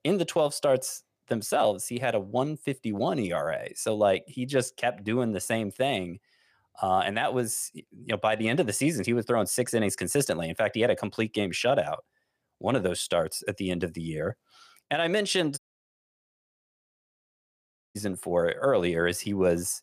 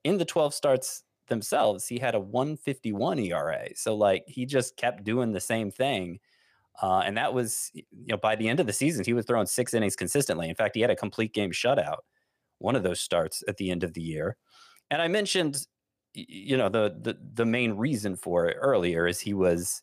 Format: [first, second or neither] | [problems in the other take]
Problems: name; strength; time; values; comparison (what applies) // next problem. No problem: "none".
second | audio cutting out; at 16 s for 2.5 s